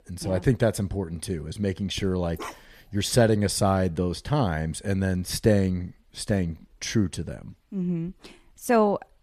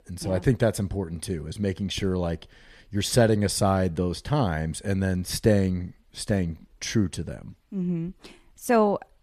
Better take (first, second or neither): second